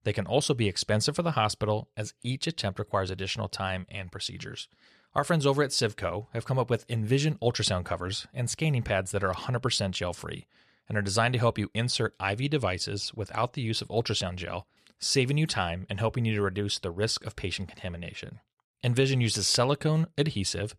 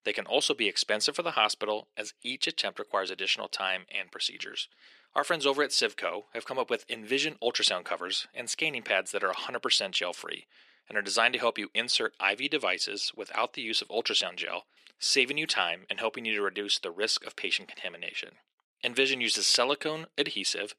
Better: first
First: none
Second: thin; somewhat; fading below 250 Hz

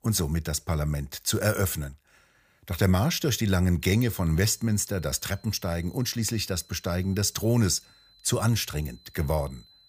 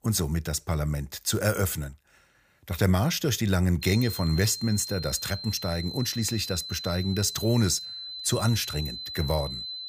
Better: first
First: high-pitched whine; faint; from 4 s on; 4 kHz, 30 dB below the speech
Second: high-pitched whine; loud; from 4 s on; 4 kHz, 8 dB below the speech

